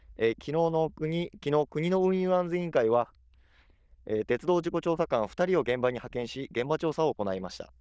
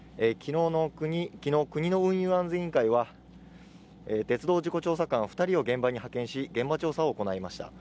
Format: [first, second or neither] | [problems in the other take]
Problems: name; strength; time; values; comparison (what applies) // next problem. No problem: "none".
second | noise reduction (neural diffusion model UNIVERSE++)